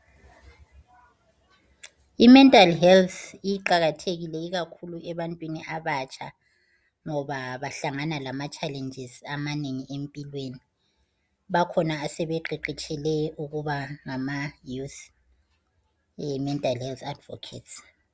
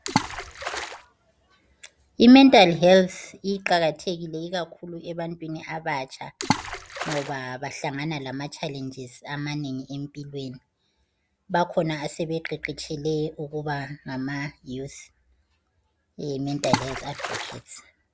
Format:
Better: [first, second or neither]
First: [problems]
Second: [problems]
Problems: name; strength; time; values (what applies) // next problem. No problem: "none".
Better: first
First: none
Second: background sound (Water / Splash, splatter); 4 dB below the speech